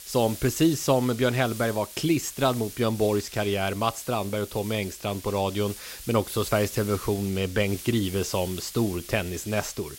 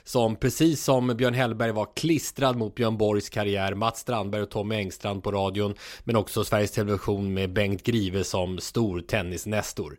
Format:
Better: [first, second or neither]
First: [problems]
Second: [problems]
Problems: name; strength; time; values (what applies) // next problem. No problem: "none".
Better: second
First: hiss; noticeable; throughout; 15 dB below the speech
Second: none